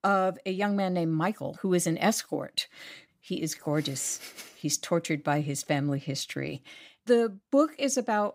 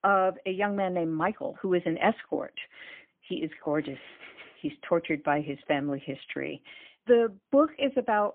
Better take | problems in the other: first | phone-call audio; poor line

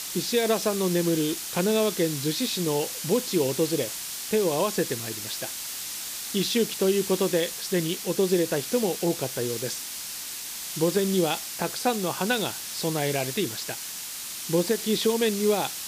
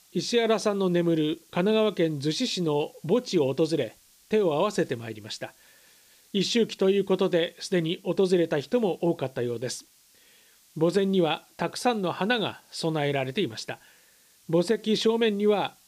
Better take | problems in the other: second | hiss; loud; throughout; 5 dB below the speech; faint in the second

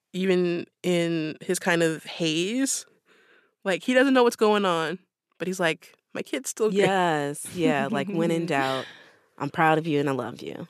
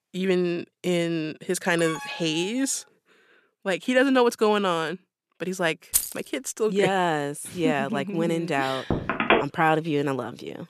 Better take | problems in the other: first | alarm; noticeable; at 2 s; peak 9 dB below the speech // jangling keys; loud; at 6 s; peak 1 dB above the speech // phone ringing; loud; at 9 s; peak 4 dB above the speech

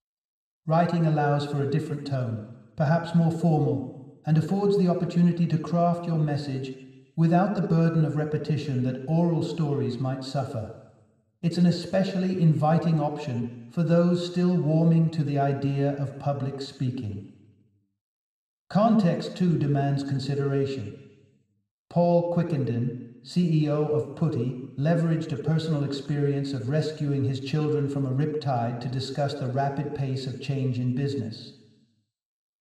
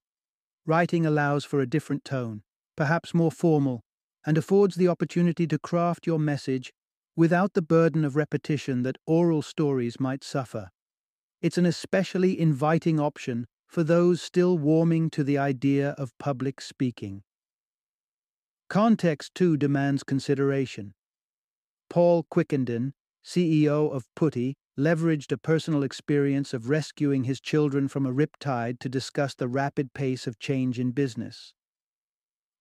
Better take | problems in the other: second | room echo; slight; dies away in 1 s

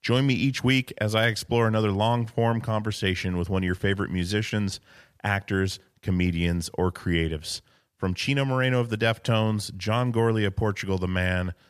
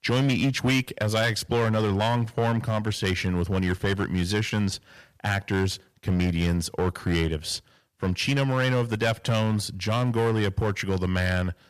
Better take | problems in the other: first | distortion; slight; 8% of the sound clipped

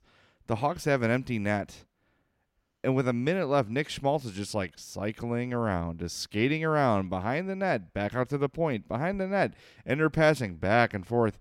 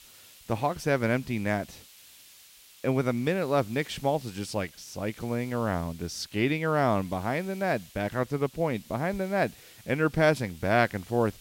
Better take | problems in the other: first | hiss; faint; throughout; 20 dB below the speech

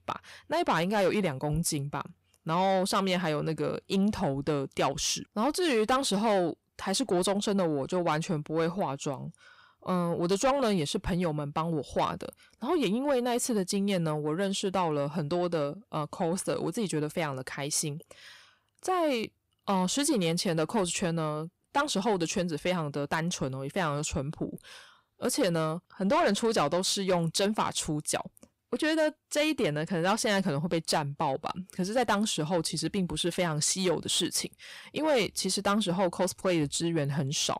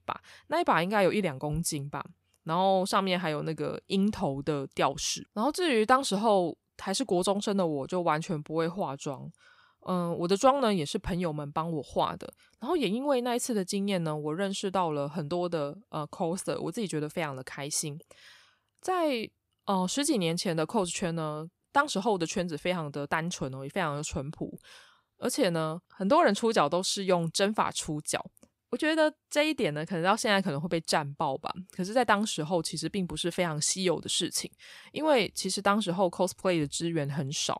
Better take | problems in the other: second | distortion; slight; 10 dB below the speech

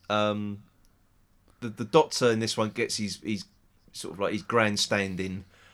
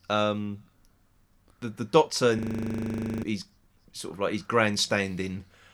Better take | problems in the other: first | audio freezing; at 2.5 s for 1 s

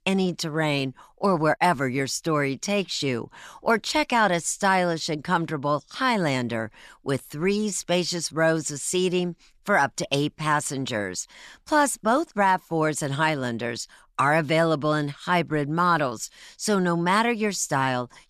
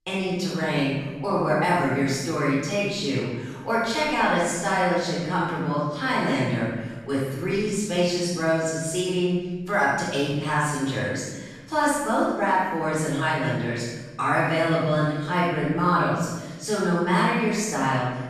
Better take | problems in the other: first | room echo; strong; dies away in 1.3 s // off-mic speech; far

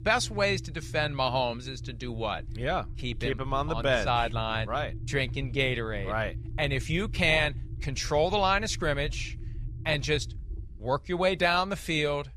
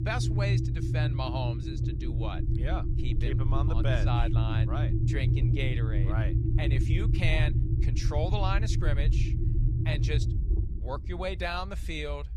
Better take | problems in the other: first | low rumble; loud; throughout; 5 dB below the speech; faint in the first

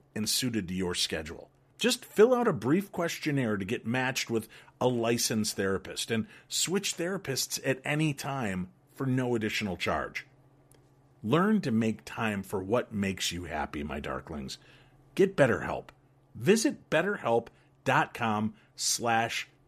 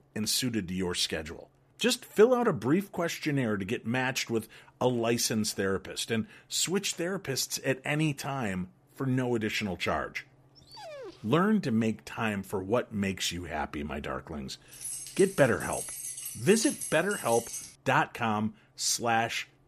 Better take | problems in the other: first | dog barking; faint; at 11 s; peak 15 dB below the speech // jangling keys; noticeable; from 15 to 18 s; peak 4 dB below the speech

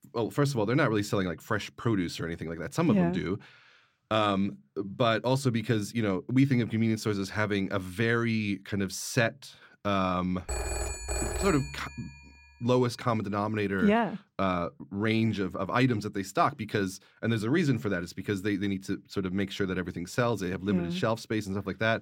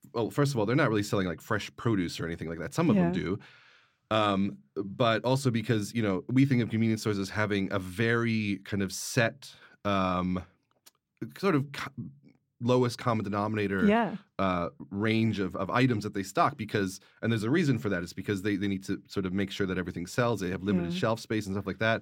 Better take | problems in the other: second | phone ringing; noticeable; from 10 to 12 s; peak 3 dB below the speech

